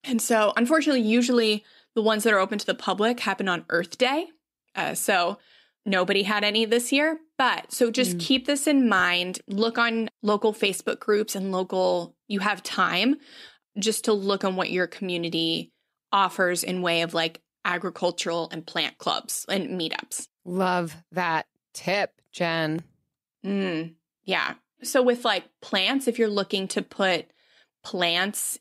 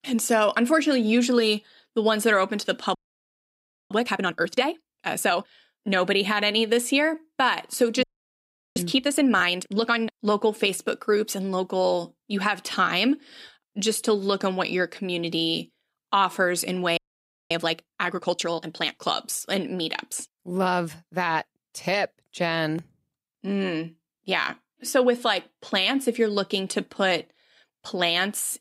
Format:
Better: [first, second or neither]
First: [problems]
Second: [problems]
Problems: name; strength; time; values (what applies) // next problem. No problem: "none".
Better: first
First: none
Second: audio freezing; at 3 s for 1 s, at 8 s for 0.5 s and at 17 s for 0.5 s